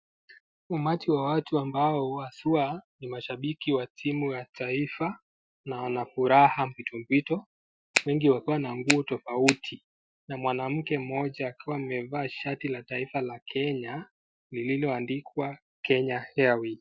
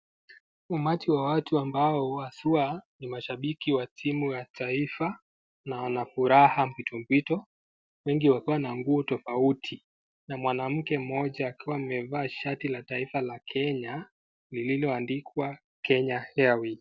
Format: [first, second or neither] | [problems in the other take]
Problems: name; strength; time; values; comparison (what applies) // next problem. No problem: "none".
second | noise reduction (classical method Wiener filter)